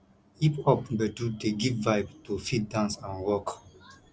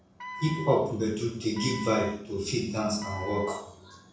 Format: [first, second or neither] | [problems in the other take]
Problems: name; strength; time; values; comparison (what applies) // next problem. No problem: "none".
first | background sound (Wind instrument, woodwind instrument); 13 dB below the speech // room echo; dies away in 0.6 s